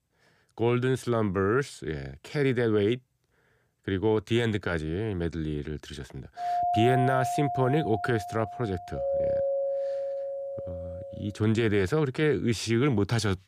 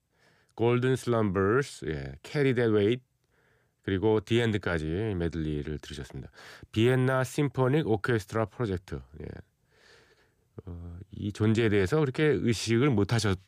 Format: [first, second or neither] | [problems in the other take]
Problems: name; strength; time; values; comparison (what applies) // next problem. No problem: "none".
second | doorbell; loud; from 6.5 to 11 s; peak 1 dB above the speech